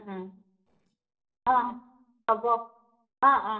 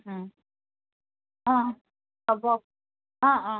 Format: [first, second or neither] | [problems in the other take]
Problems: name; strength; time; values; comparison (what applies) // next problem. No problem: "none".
second | noise reduction (neural separator model SepFormer DNS4)